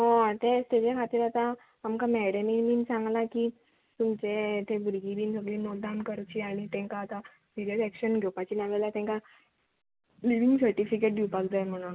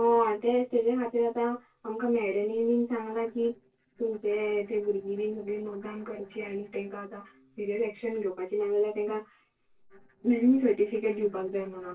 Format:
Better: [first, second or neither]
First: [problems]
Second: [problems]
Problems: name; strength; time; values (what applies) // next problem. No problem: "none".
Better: first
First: none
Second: noise reduction (neural separator model SepFormer DNS4)